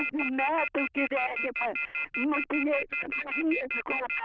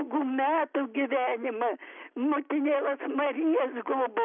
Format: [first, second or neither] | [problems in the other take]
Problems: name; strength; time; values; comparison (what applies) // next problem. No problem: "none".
second | noise reduction (neural diffusion model UNIVERSE++)